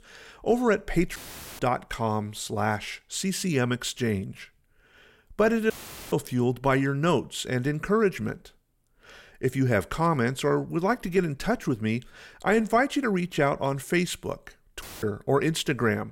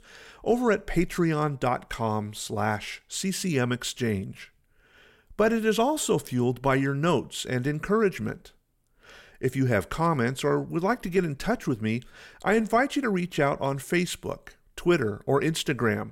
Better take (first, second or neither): second